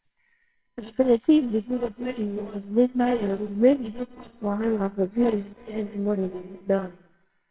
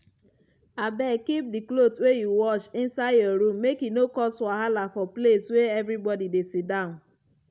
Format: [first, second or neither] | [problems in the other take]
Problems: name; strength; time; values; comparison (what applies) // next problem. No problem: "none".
second | noise reduction (neural separator model SepFormer WHAMR!)